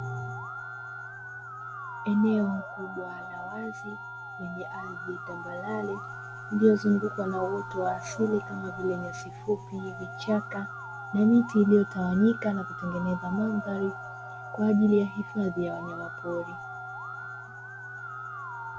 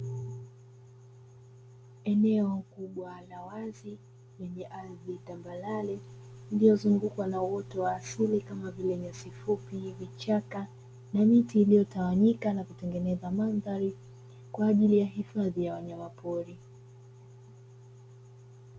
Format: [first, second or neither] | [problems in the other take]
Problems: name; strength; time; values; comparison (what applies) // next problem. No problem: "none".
second | background sound (Wind instrument, woodwind instrument + Musical instrument); 10 dB below the speech